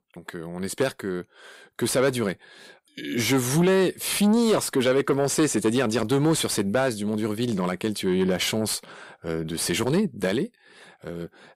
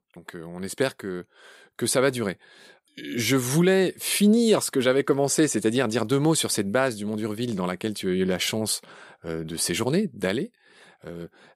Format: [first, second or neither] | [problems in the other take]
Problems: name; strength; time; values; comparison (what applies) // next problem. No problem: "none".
second | distortion; slight; 10 dB below the speech